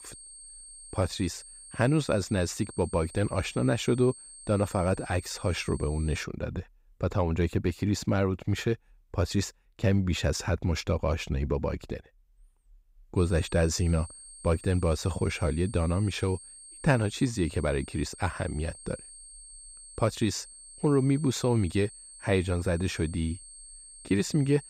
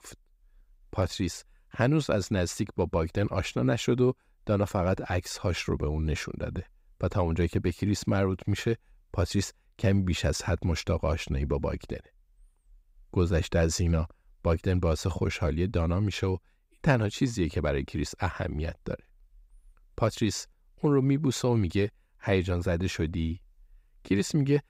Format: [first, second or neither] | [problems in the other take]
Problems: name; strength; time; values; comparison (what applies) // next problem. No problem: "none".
second | high-pitched whine; noticeable; until 6 s and from 13 s on; 8.5 kHz, 15 dB below the speech